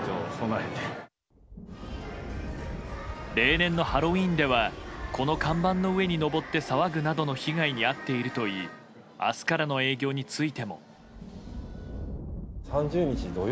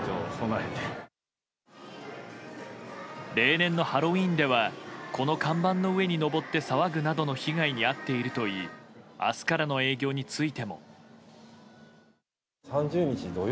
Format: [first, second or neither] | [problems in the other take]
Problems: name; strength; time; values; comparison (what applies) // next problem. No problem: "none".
second | background sound (Thunder); 12 dB below the speech